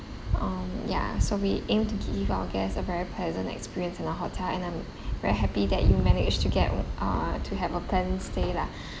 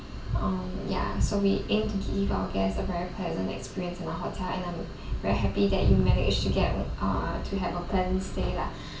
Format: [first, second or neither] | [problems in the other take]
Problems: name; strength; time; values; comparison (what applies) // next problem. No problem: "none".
first | room echo; dies away in 0.3 s